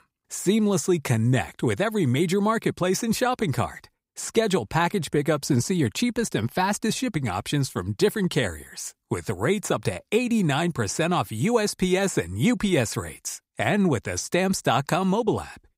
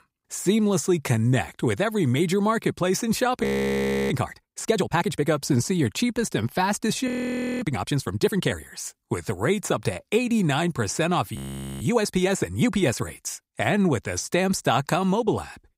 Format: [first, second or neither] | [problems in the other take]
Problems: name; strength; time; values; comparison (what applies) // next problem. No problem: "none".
first | audio freezing; at 3.5 s for 0.5 s, at 7 s for 0.5 s and at 11 s